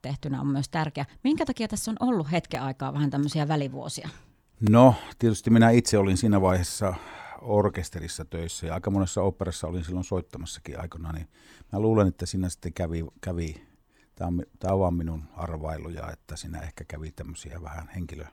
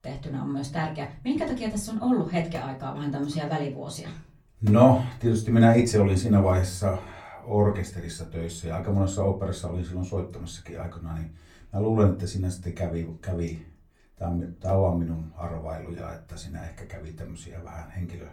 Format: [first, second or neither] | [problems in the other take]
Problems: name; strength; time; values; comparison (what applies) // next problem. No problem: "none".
first | off-mic speech; far // room echo; very slight; dies away in 0.3 s